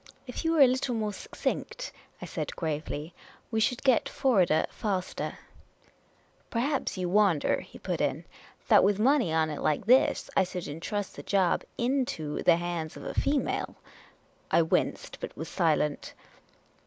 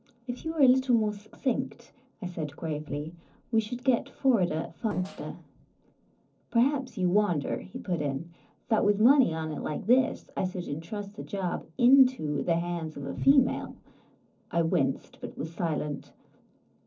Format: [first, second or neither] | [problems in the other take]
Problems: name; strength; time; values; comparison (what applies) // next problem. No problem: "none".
first | noise reduction (neural separator model SepFormer DNS4)